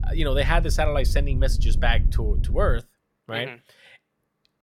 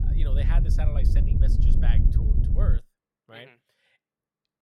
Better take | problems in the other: first | wind noise on the microphone; heavy; until 3 s; 1 dB above the speech; occasional gusts in the first

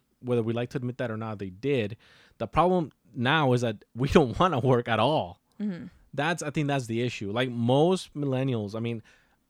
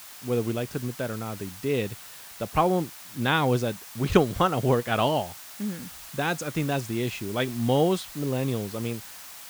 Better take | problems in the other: first | hiss; noticeable; throughout; 15 dB below the speech

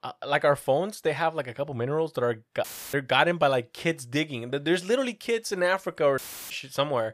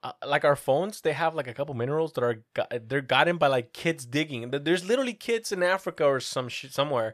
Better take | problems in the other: second | audio cutting out; filled with static; at 2.5 s and at 6 s

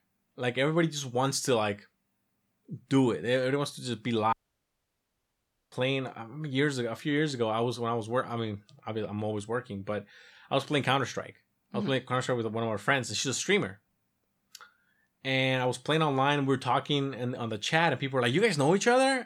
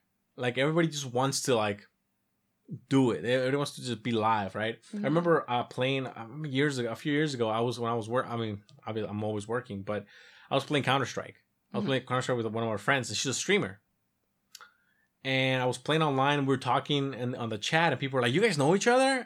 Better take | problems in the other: second | audio cutting out; at 4.5 s for 1.5 s

